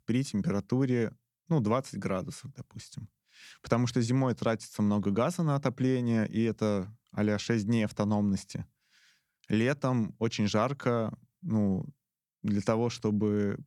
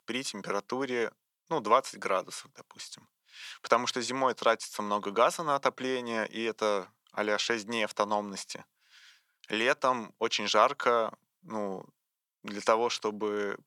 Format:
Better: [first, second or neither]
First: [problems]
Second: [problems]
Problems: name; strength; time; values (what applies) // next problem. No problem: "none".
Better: first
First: none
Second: thin; very; fading below 600 Hz